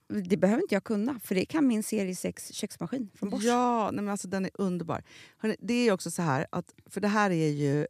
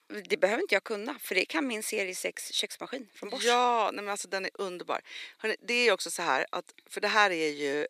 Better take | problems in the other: first | thin; very; fading below 400 Hz

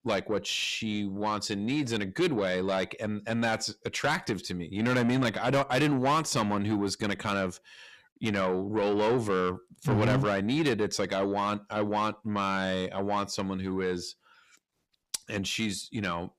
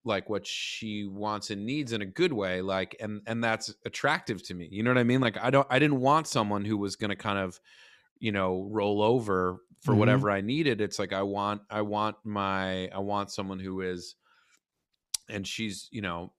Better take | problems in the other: second | distortion; heavy; 8 dB below the speech

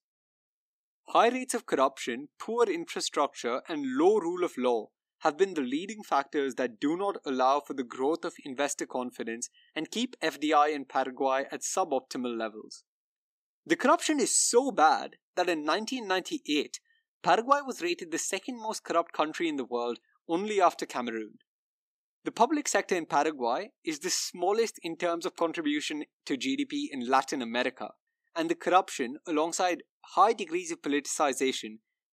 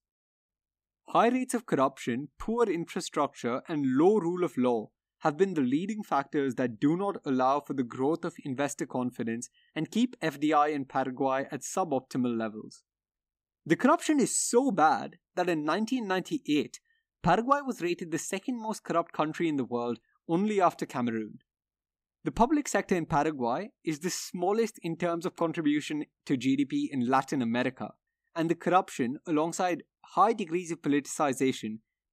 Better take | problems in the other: second | thin; very slightly; fading below 400 Hz

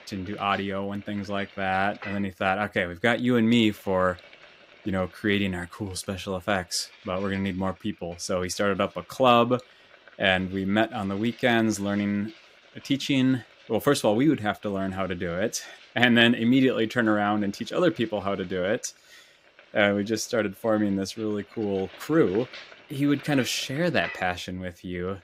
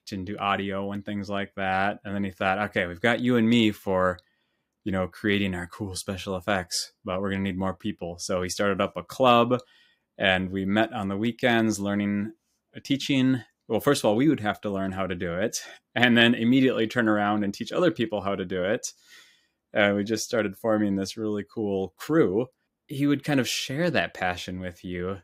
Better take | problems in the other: second | household noises; faint; throughout; 20 dB below the speech

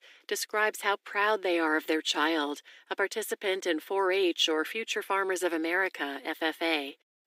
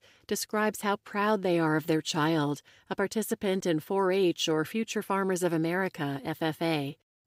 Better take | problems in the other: second | thin; somewhat; fading below 300 Hz

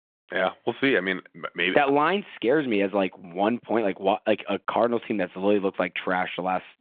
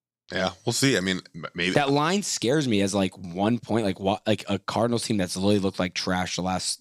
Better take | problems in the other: second | phone-call audio

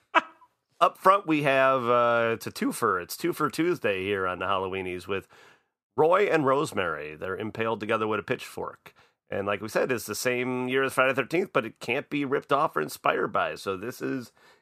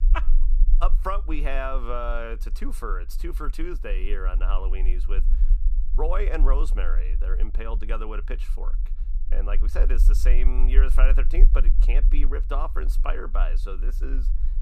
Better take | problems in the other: first | low rumble; noticeable; throughout; 15 dB below the speech

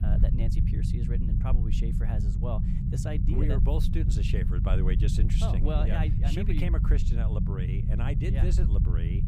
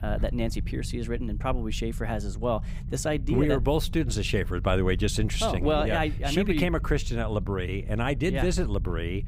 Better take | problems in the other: second | low rumble; loud; throughout; 2 dB below the speech; faint in the second

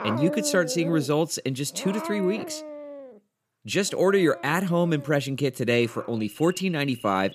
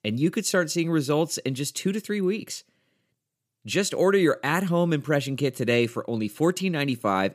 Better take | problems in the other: second | animal sounds; noticeable; throughout; 10 dB below the speech

